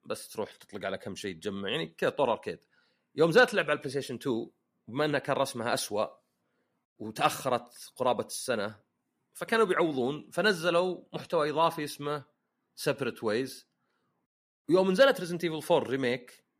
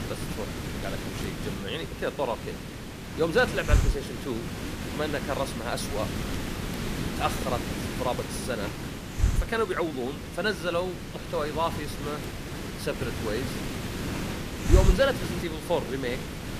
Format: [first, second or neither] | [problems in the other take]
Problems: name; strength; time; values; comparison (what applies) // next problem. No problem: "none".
first | hiss; loud; throughout; 1 dB below the speech